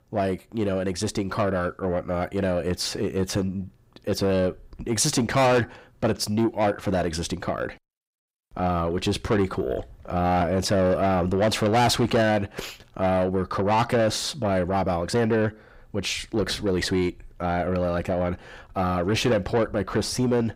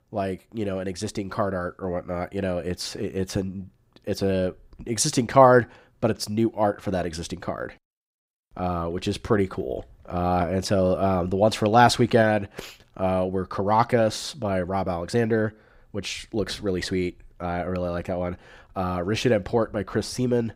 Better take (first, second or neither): second